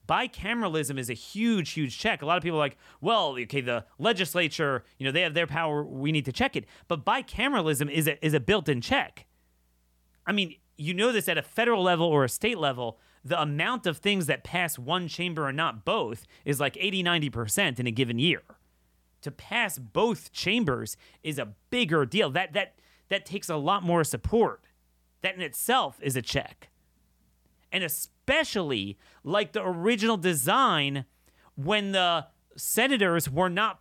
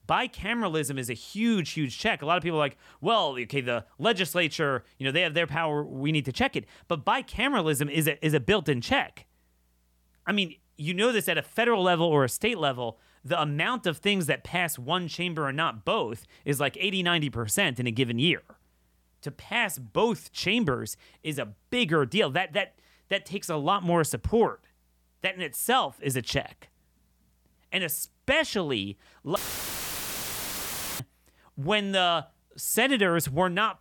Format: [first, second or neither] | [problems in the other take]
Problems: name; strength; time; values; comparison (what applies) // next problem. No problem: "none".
first | audio cutting out; filled with static; at 29 s for 1.5 s